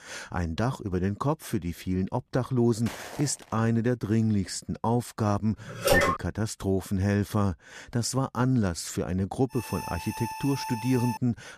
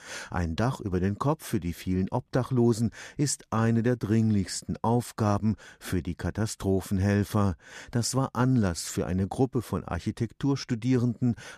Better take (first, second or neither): second